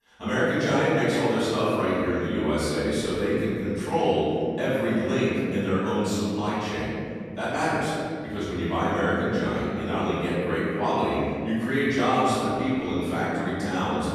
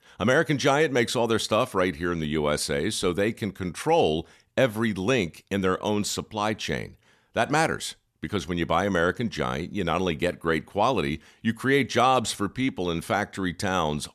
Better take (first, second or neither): second